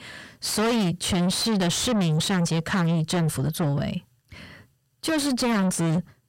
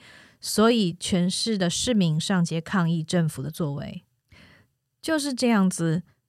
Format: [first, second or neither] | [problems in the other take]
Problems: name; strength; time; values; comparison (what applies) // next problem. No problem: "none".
second | distortion; heavy; 6 dB below the speech